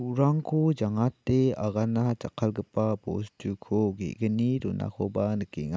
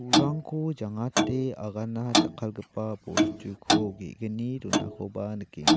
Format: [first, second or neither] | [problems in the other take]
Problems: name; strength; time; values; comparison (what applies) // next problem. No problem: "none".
first | background sound (Clock); 4 dB above the speech